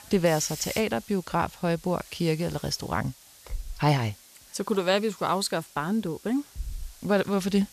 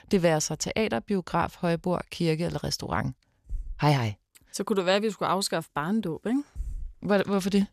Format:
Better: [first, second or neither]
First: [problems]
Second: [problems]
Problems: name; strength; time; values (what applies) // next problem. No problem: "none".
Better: second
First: hiss; noticeable; throughout; 15 dB below the speech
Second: none